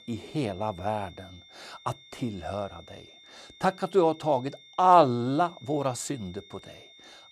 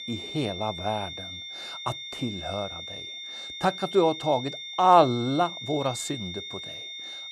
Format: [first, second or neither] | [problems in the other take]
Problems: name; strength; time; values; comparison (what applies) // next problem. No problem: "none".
first | high-pitched whine; loud; throughout; 3.5 kHz, 9 dB below the speech; faint in the first